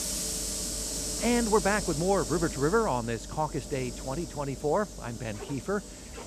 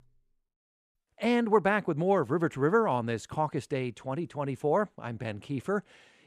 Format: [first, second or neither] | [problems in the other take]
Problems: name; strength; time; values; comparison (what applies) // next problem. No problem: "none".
second | hiss; loud; throughout; 5 dB below the speech